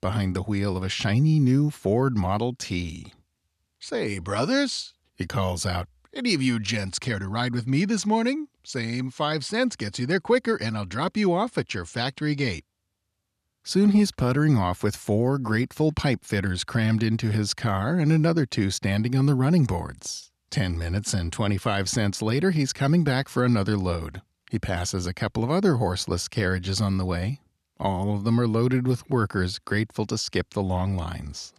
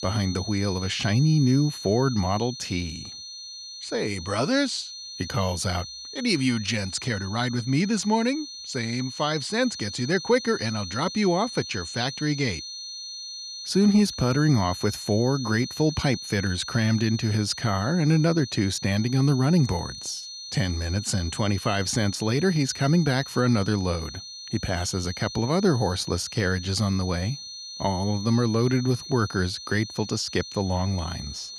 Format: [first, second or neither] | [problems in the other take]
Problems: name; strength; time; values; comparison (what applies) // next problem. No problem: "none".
first | high-pitched whine; noticeable; throughout; 4.5 kHz, 10 dB below the speech